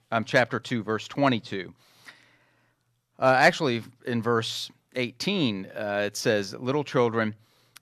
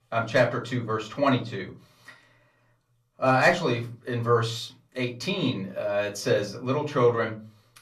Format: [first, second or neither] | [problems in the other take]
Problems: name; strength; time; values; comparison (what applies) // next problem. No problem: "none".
first | off-mic speech; far // room echo; very slight; dies away in 0.3 s